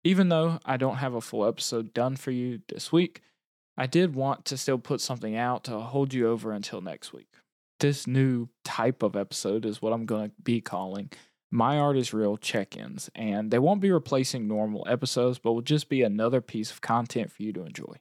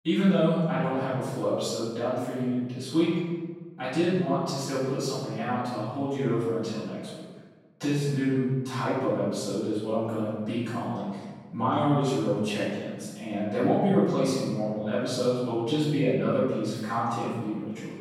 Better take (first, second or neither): first